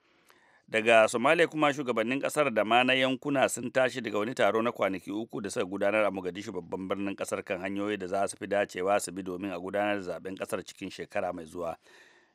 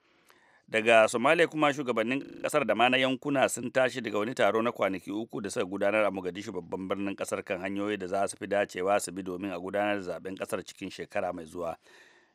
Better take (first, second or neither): first